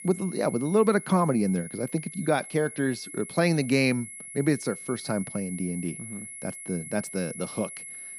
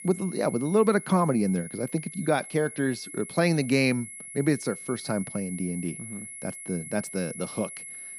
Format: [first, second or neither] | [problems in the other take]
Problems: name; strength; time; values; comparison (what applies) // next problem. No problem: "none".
neither | high-pitched whine; noticeable; throughout; 11 kHz, 10 dB below the speech; the same in both